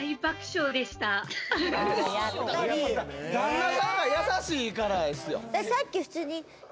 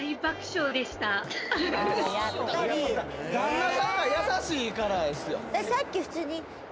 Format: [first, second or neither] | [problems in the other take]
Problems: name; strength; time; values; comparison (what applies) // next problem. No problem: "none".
first | background sound (Train); 11 dB below the speech